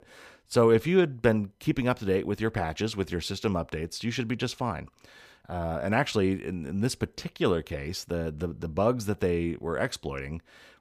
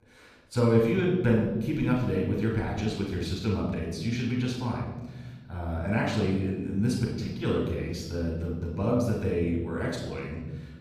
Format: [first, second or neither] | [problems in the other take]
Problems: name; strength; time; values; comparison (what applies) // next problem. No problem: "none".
first | off-mic speech; far // room echo; noticeable; dies away in 1.7 s